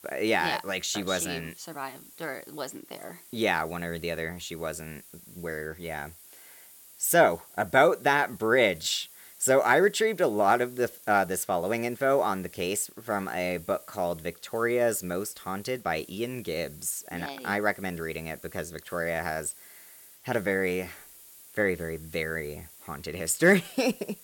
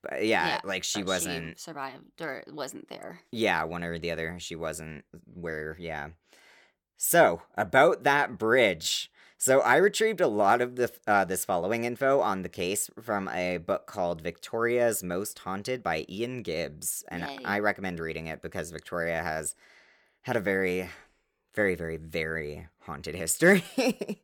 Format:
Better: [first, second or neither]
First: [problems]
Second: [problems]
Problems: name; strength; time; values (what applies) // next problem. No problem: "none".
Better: second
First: hiss; faint; throughout; 20 dB below the speech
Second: none